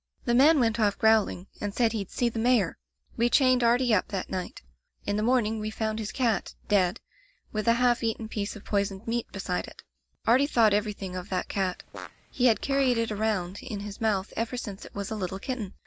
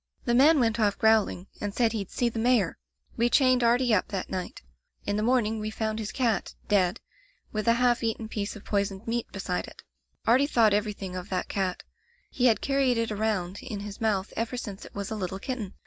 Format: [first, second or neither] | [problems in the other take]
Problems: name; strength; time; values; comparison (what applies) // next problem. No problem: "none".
second | background sound (Fart); 18 dB below the speech